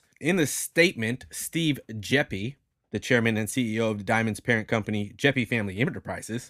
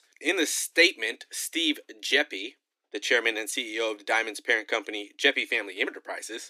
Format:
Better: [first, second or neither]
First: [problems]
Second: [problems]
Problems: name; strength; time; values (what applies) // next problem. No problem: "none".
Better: first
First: none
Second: thin; very; fading below 300 Hz